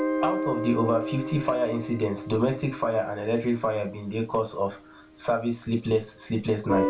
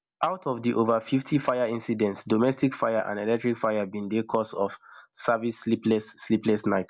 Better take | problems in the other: second | background sound (Guitar); 6 dB below the speech // room echo; dies away in 0.3 s

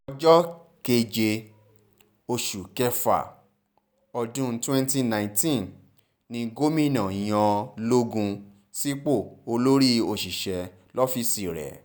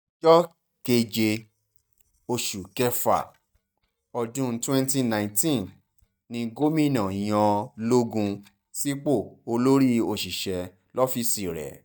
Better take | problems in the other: first | noise reduction (neural mask model DeepFilterNet 3)

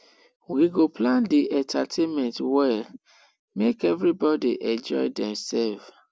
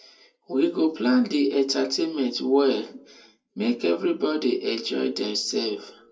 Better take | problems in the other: first | room echo; dies away in 0.2 s

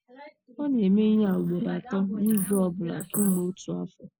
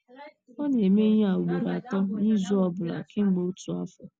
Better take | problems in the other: second | noise reduction (neural mask model Resemble Enhance denoiser)

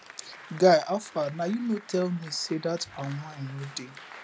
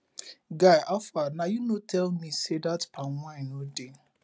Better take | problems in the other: second | background sound (Applause); 19 dB below the speech

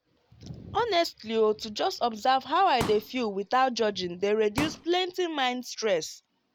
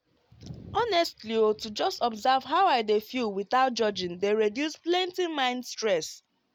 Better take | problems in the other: second | background sound (Explosion); 11 dB below the speech

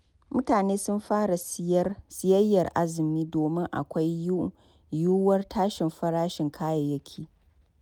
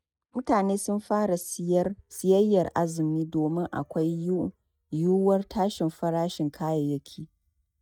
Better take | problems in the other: first | noise reduction (neural mask model DeepFilterNet 3)

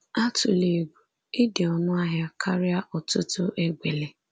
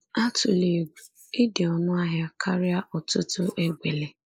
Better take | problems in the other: first | noise reduction (neural mask model Resemble Enhance denoiser)

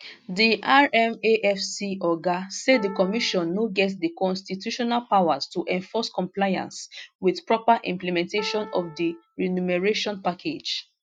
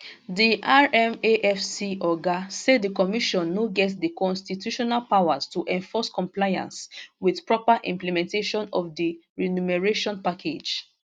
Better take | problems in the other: second | noise reduction (classical method Wiener filter)

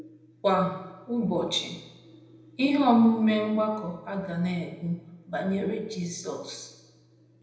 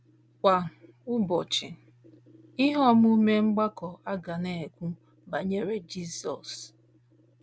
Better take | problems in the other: second | room echo; dies away in 0.8 s

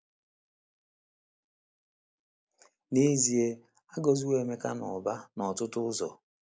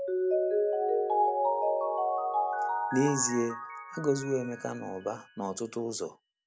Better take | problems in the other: first | background sound (Mallet percussion); 3 dB above the speech

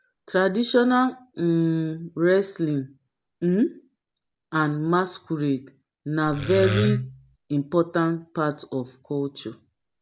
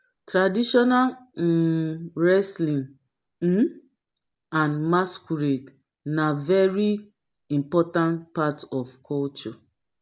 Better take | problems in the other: second | background sound (Wood); 2 dB below the speech

